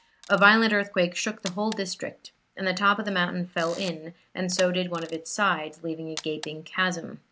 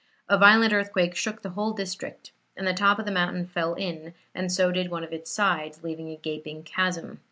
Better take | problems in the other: second | background sound (Camera); 20 dB below the speech

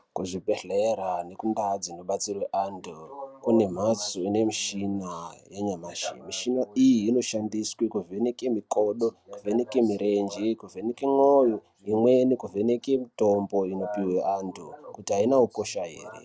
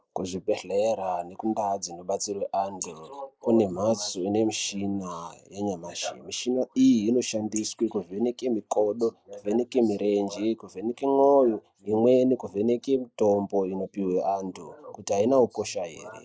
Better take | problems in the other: first | noise reduction (neural mask model Resemble Enhance denoiser)

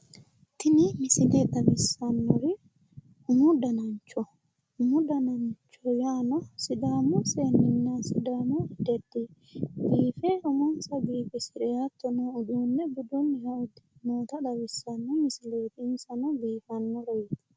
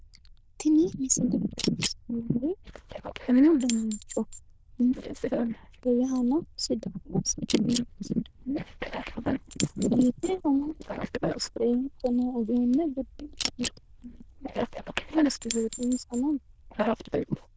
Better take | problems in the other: first | noise reduction (neural diffusion model UNIVERSE++)

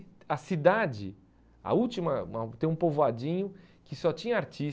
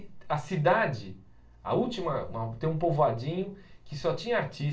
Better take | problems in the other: first | room echo; dies away in 0.3 s

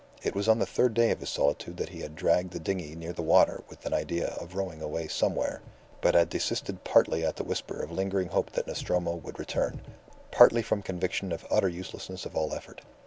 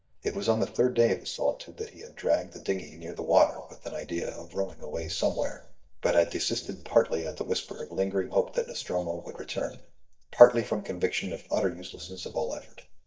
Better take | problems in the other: first | noise reduction (neural mask model DeepFilterNet 3)

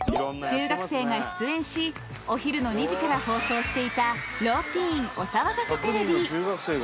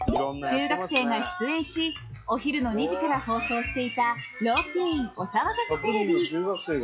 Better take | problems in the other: first | noise reduction (classical method log-MMSE)

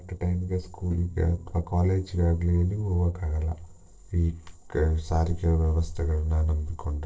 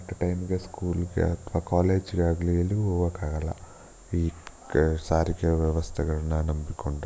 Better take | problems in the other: second | noise reduction (neural separator model SepFormer DNS4)

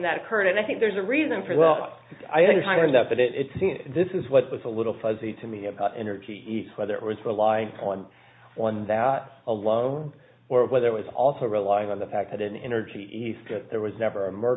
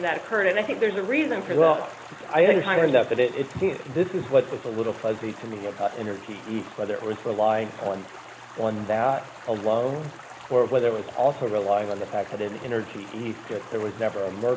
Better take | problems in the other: first | background sound (Stream); 18 dB below the speech

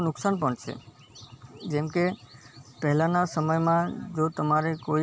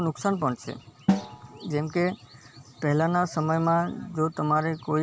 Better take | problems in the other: first | background sound (Snare drum); 7 dB below the speech

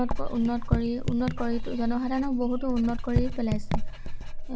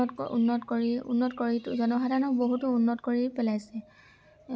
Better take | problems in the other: second | background sound (Writing + Raindrop / Drip); 1 dB above the speech

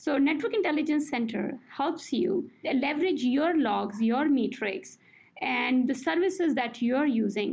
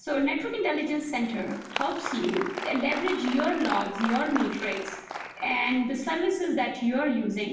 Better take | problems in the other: first | background sound (Applause); 10 dB below the speech // room echo; dies away in 0.6 s

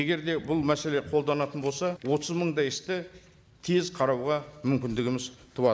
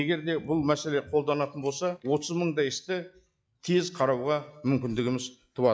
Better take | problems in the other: first | noise reduction (classical method log-MMSE)

